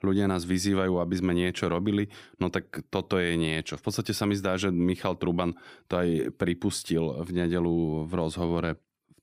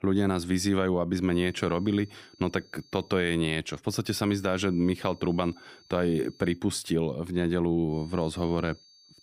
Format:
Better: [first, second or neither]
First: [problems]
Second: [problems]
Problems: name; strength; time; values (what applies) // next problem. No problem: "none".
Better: first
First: none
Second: high-pitched whine; faint; from 1.5 to 3 s, from 4 to 6.5 s and from 8 s on; 4.5 kHz, 25 dB below the speech